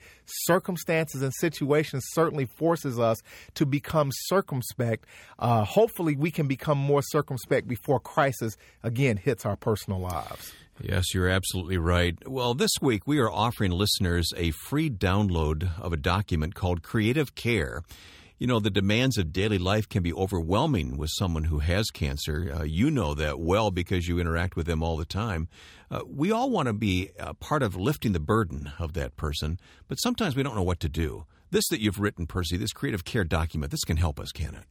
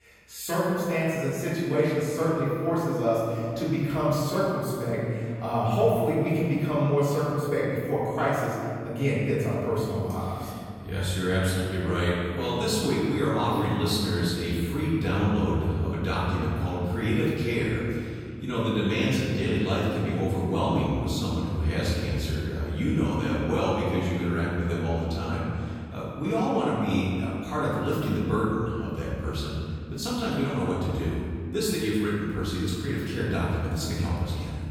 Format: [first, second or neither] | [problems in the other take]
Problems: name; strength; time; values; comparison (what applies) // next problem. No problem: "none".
first | off-mic speech; far // room echo; strong; dies away in 2.3 s